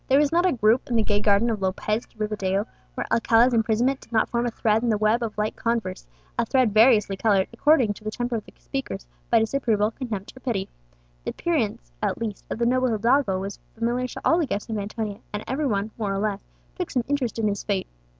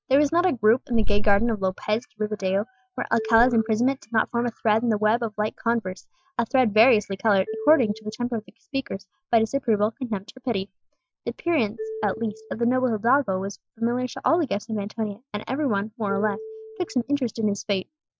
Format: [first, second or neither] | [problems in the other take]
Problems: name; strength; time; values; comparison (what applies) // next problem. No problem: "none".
first | noise reduction (classical method Wiener filter)